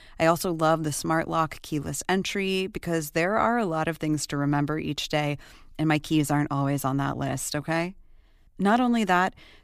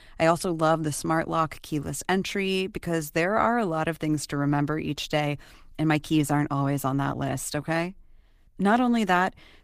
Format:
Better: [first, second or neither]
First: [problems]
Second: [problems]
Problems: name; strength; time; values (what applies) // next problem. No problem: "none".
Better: first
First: none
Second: garbled, watery; slightly; nothing above 15 kHz